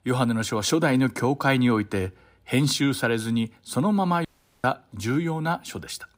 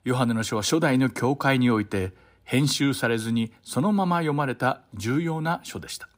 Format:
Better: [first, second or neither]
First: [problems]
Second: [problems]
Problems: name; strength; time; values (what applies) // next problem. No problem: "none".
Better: second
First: audio cutting out; at 4.5 s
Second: none